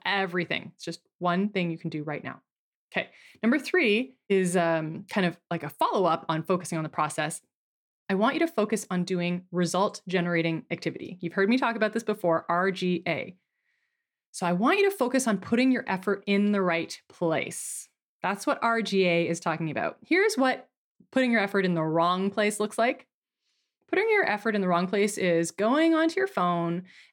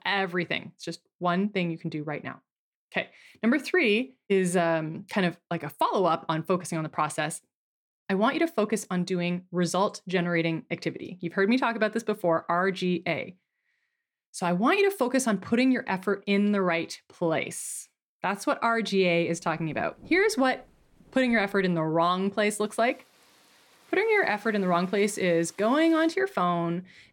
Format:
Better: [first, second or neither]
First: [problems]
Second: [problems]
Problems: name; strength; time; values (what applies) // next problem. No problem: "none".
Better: first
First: none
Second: rain or running water; faint; from 19 s on; 30 dB below the speech